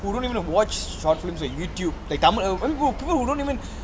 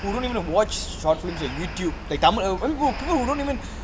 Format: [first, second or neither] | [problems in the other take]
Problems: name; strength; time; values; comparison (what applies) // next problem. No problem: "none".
first | background sound (Breathing); 18 dB below the speech